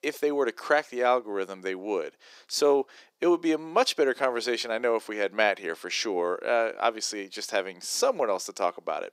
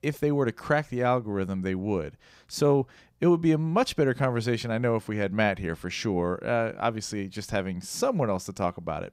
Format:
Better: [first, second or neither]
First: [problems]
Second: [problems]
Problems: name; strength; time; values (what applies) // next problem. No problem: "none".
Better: second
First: thin; somewhat; fading below 350 Hz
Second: none